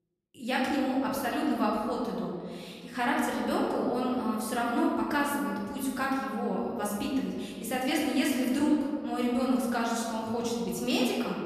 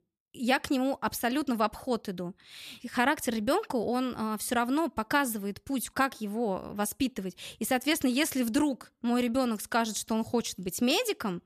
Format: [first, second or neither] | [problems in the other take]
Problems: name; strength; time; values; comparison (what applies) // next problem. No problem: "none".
second | room echo; noticeable; dies away in 1.9 s // off-mic speech; far